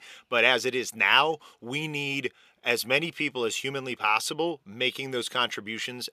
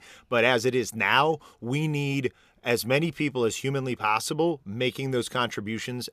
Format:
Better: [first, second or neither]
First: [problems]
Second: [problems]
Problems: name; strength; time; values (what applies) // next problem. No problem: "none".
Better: second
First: thin; very slightly; fading below 400 Hz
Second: none